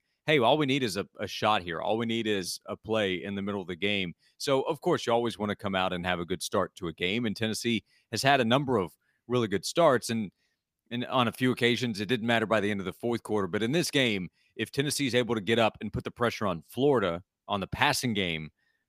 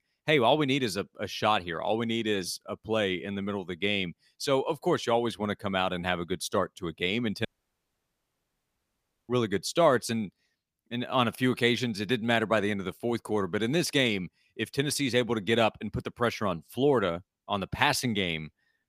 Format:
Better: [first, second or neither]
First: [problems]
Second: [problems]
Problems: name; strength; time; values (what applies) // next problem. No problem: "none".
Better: first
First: none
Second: audio cutting out; at 7.5 s for 2 s